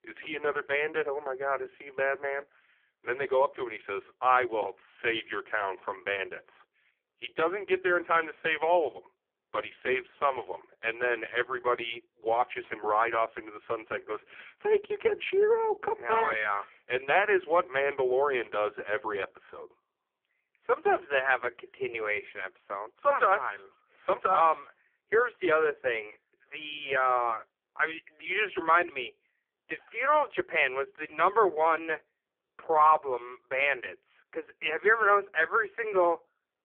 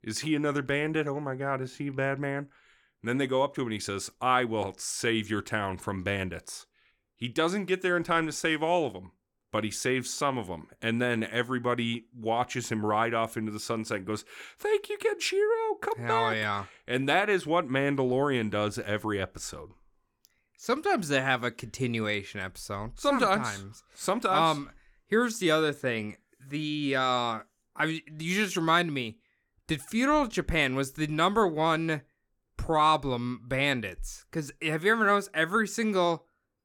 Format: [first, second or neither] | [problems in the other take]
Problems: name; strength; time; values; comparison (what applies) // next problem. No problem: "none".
second | phone-call audio; poor line; nothing above 3.5 kHz